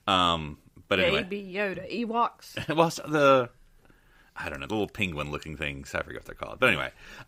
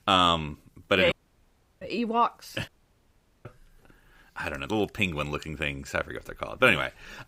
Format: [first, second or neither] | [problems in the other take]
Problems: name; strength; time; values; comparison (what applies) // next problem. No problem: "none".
first | audio cutting out; at 1 s for 0.5 s and at 2.5 s for 1 s